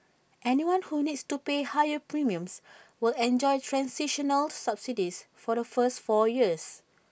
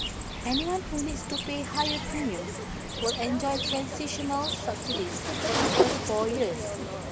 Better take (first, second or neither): first